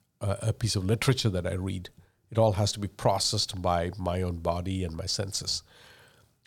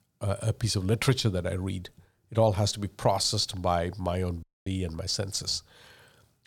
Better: first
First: none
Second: audio cutting out; at 4.5 s

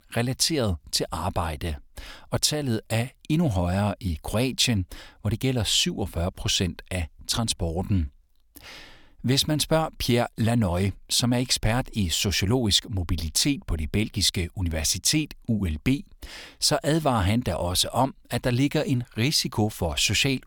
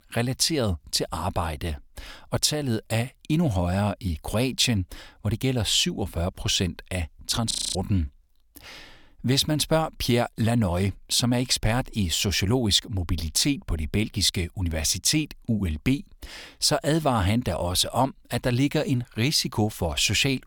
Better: first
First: none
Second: audio freezing; at 7.5 s

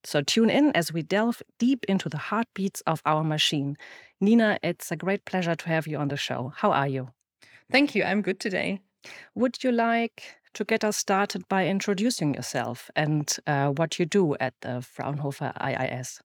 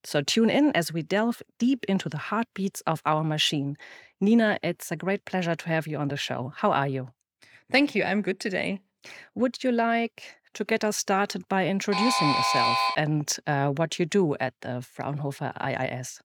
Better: first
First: none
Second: alarm; loud; from 12 to 13 s; peak 4 dB above the speech

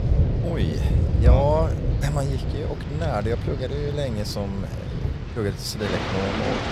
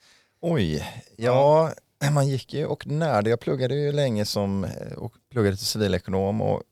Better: second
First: rain or running water; very loud; throughout; 2 dB above the speech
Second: none

